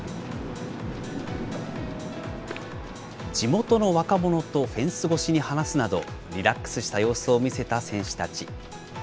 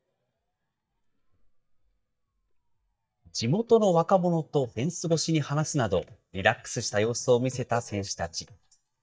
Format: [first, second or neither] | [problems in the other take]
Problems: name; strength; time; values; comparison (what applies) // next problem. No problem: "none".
first | noise reduction (neural mask model DeepFilterNet 3)